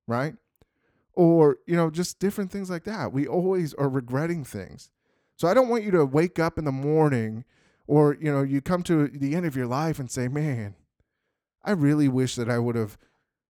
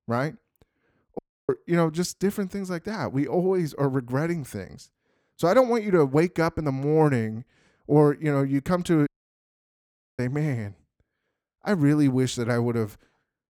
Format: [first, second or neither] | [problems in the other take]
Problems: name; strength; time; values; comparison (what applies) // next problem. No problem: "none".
first | audio cutting out; at 1 s and at 9 s for 1 s